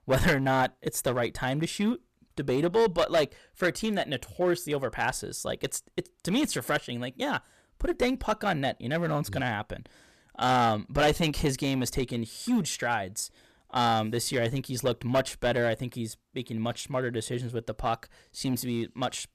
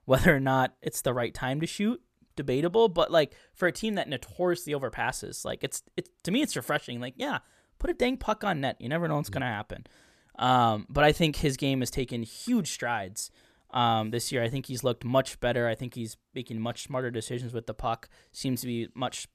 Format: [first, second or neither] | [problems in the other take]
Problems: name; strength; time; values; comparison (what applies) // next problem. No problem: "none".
second | distortion; slight; 5% of the sound clipped